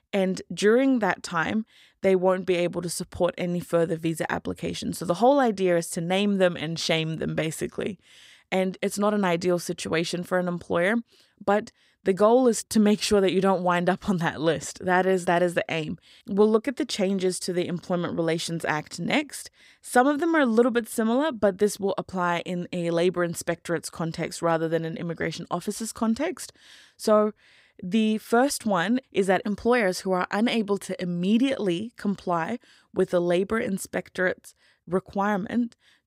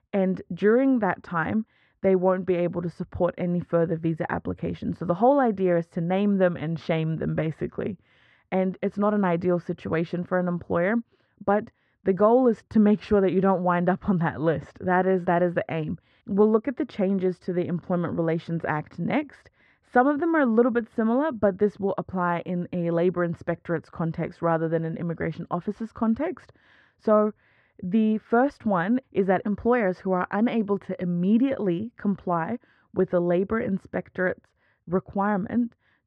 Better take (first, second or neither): first